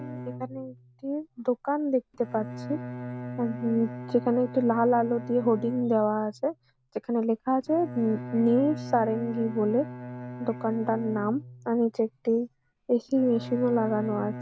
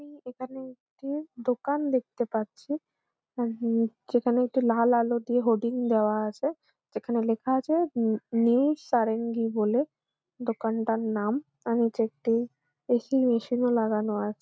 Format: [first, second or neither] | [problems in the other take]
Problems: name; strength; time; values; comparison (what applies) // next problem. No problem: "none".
second | background sound (Bowed string instrument); 12 dB below the speech